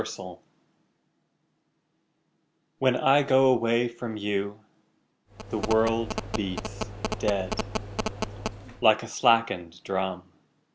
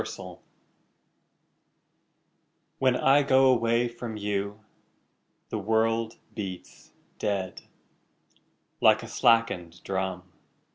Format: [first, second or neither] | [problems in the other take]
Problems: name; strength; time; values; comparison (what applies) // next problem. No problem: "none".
second | background sound (Telephone); 5 dB below the speech